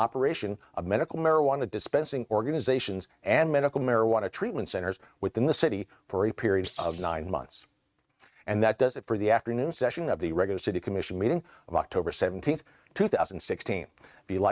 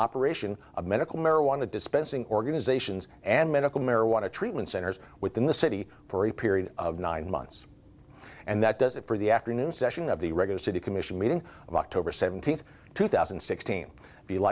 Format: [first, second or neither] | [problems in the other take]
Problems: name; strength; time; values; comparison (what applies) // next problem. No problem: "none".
second | noise reduction (neural mask model RNNoise)